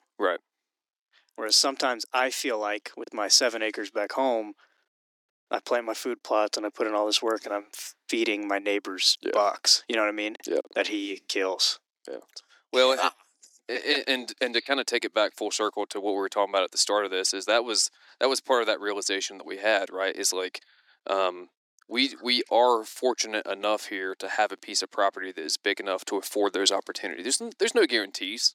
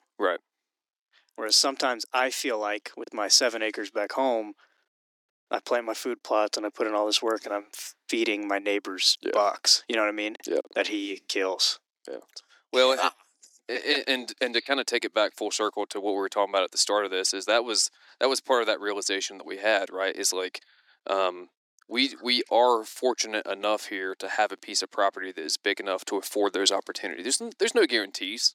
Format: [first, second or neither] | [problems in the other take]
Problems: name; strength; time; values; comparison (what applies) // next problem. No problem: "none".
neither | thin; somewhat; fading below 300 Hz; the same in both